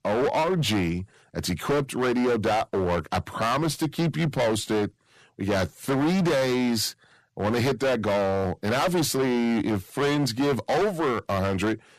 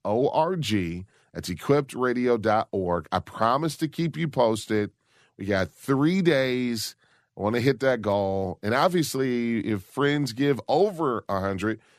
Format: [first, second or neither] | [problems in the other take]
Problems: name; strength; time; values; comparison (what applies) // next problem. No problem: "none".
second | distortion; heavy; 21% of the sound clipped